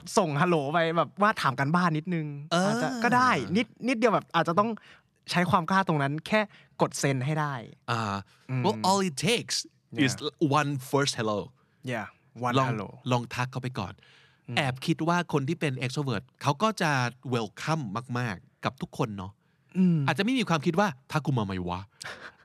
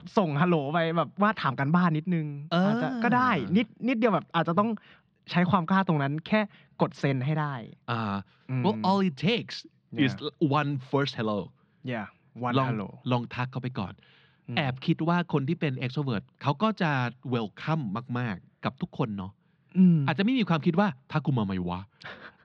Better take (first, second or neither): first